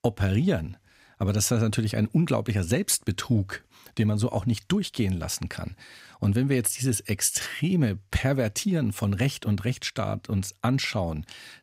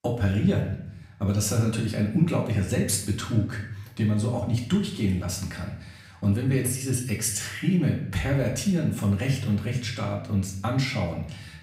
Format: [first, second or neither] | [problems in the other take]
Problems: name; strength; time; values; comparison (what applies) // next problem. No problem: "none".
first | room echo; slight; dies away in 0.6 s // off-mic speech; far